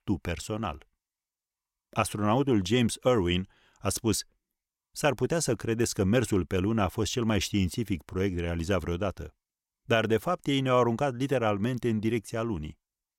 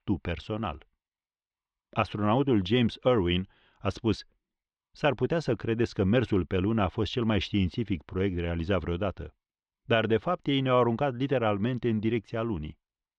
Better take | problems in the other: first | muffled; slightly; fading above 3.5 kHz

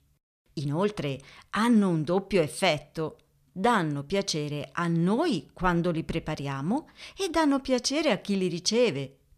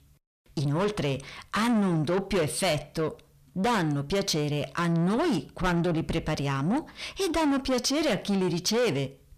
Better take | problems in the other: first | distortion; heavy; 7 dB below the speech

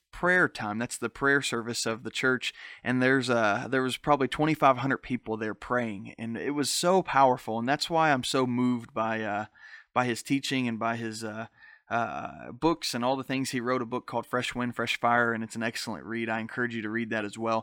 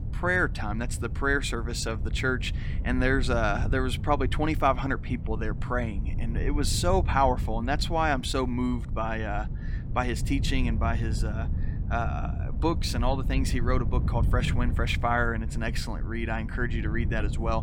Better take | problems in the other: first | wind noise on the microphone; occasional gusts; 15 dB below the speech

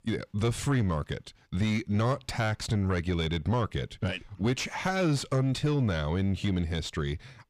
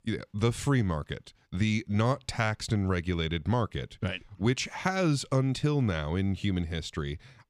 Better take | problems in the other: second | distortion; slight; 9 dB below the speech

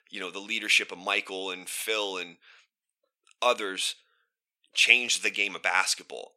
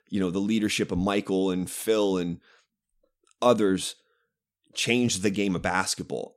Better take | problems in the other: second | thin; very; fading below 700 Hz

